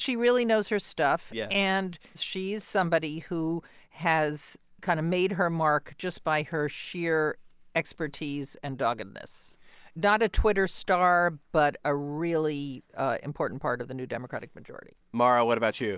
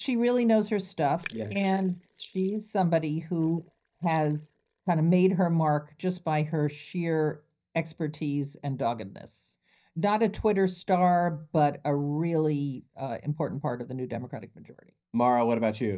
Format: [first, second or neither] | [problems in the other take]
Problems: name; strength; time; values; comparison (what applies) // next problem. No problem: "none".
first | noise reduction (neural mask model DeepFilterNet 3)